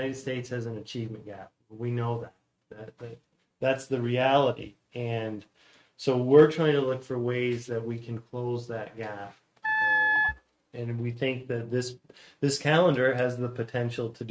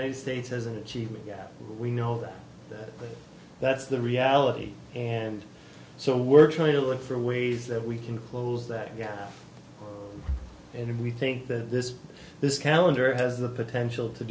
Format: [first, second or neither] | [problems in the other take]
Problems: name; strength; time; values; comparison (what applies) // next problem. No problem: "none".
second | noise reduction (neural mask model RNNoise)